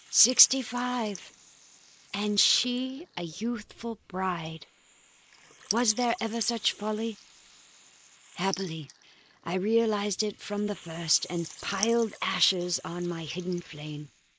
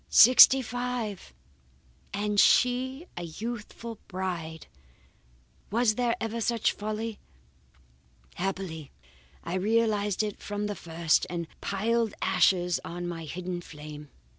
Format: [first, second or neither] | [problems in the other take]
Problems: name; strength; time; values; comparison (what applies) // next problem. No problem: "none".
second | noise reduction (neural mask model Resemble Enhance denoiser)